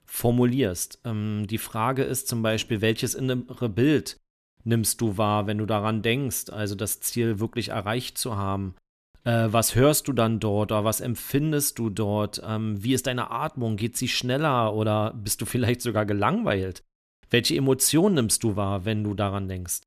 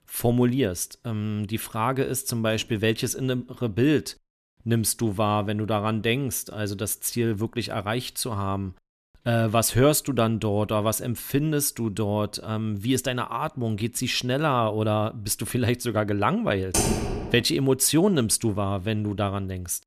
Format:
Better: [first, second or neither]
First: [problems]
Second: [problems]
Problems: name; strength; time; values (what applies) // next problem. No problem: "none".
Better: first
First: none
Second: keyboard typing; loud; at 17 s; peak 2 dB above the speech